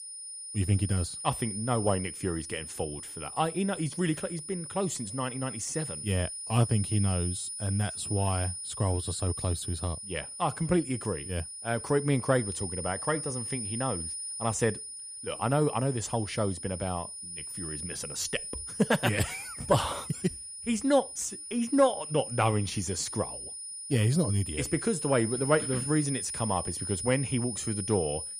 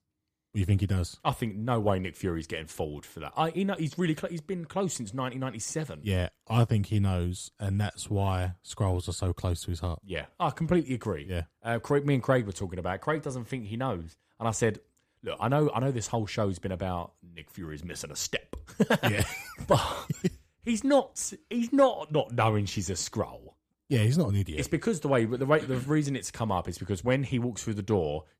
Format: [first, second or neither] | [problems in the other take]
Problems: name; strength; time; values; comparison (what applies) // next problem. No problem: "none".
second | high-pitched whine; loud; throughout; 9.5 kHz, 6 dB below the speech